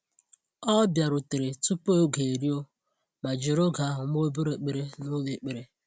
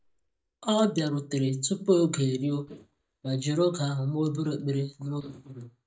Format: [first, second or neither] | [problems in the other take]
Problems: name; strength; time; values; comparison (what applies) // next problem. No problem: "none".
first | noise reduction (neural mask model DeepFilterNet 3)